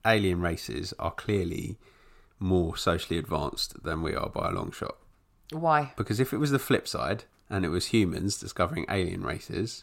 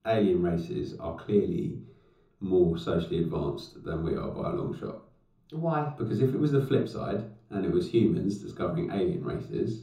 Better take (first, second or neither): first